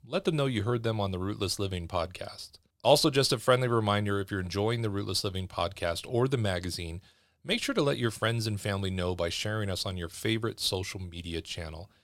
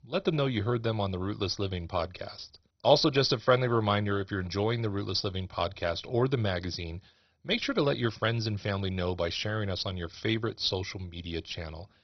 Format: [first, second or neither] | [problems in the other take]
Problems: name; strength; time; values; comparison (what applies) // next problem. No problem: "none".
first | garbled, watery; badly; nothing above 5.5 kHz